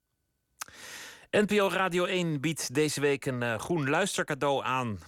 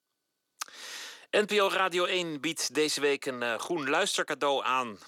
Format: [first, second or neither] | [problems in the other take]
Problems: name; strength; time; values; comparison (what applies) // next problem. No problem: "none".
first | thin; somewhat; fading below 350 Hz